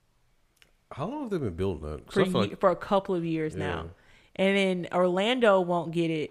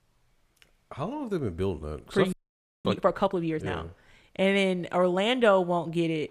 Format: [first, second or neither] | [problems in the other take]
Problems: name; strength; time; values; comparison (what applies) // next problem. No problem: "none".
first | audio freezing; at 2.5 s for 0.5 s